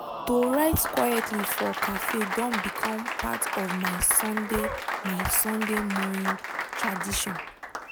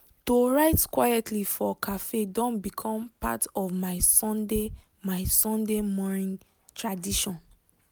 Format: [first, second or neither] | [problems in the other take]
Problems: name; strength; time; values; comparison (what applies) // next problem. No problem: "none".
second | background sound (Applause); 3 dB below the speech